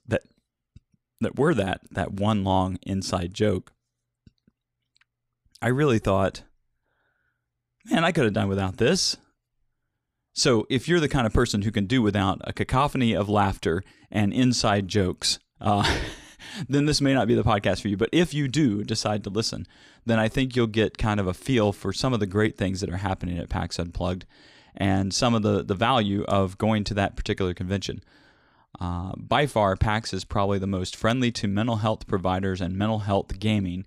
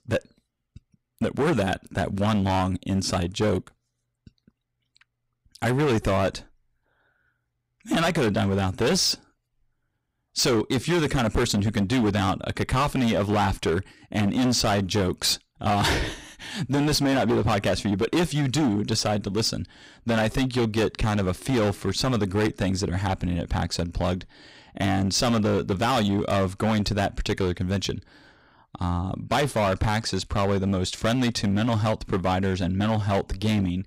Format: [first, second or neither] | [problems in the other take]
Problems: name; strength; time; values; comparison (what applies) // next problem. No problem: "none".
first | distortion; heavy; 14% of the sound clipped